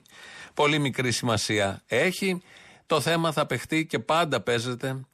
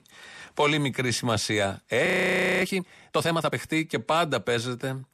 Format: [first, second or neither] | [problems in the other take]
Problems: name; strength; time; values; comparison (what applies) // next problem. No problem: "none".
first | audio freezing; at 2 s for 0.5 s